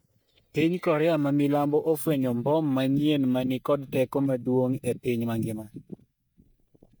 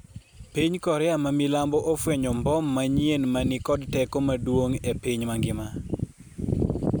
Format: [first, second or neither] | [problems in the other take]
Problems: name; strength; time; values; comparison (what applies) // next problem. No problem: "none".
second | noise reduction (neural mask model DeepFilterNet 3)